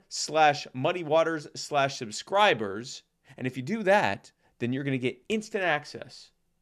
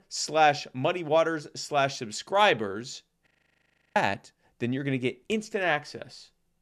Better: first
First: none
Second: audio freezing; at 3.5 s for 0.5 s

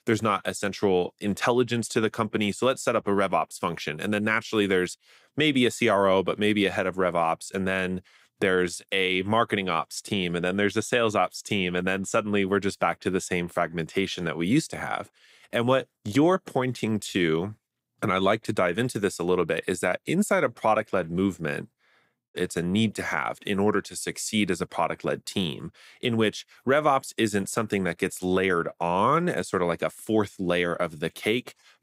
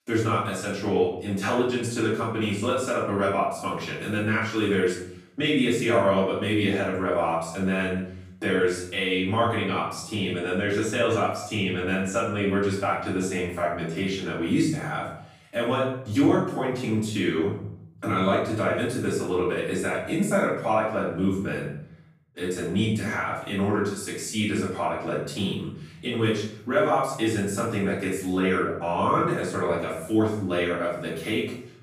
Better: first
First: none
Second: off-mic speech; far // room echo; noticeable; dies away in 0.7 s

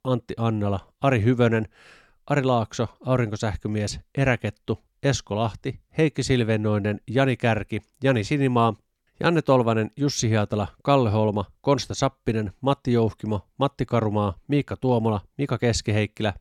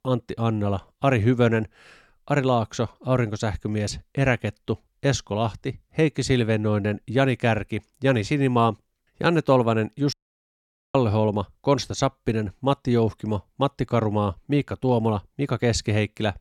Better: first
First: none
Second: audio cutting out; at 10 s for 1 s

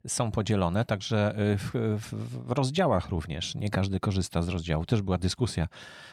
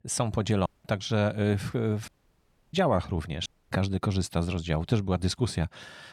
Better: first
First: none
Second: audio cutting out; at 0.5 s, at 2 s for 0.5 s and at 3.5 s

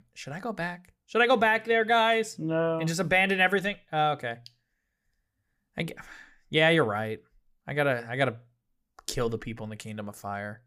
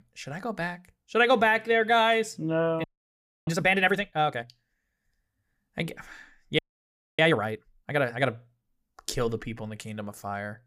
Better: first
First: none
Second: audio freezing; at 3 s for 0.5 s and at 6.5 s for 0.5 s

